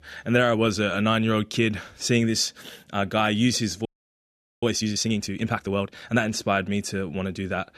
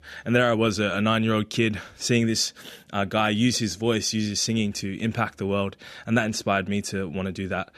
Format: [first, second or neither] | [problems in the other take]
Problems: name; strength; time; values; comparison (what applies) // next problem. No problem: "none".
second | audio freezing; at 4 s for 1 s